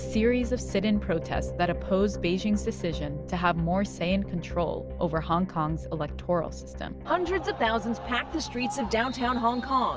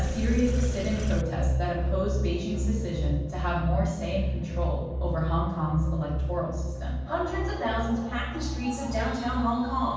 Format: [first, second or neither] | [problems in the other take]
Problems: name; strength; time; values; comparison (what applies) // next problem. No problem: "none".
first | background sound (Sink (filling or washing)); 9 dB below the speech // room echo; dies away in 1.2 s